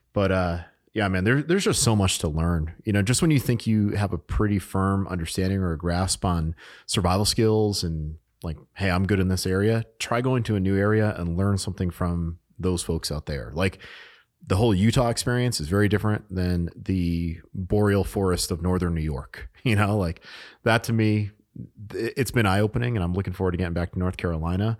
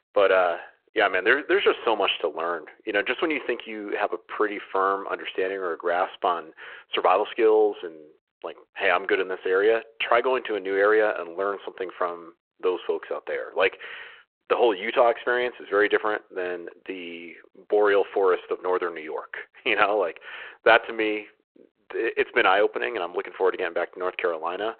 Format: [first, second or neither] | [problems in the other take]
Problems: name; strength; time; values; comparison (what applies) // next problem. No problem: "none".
first | phone-call audio